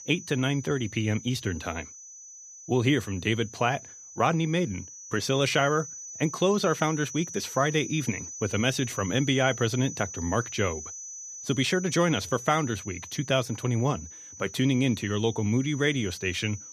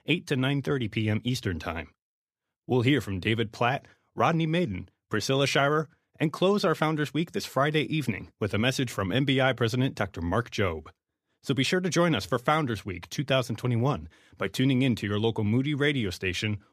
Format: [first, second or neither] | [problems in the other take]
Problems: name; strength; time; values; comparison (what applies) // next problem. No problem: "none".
second | high-pitched whine; noticeable; throughout; 6 kHz, 10 dB below the speech